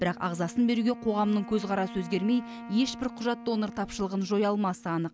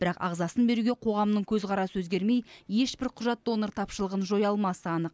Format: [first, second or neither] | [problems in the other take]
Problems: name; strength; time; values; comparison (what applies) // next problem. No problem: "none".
second | background sound (Wind instrument, woodwind instrument); 15 dB below the speech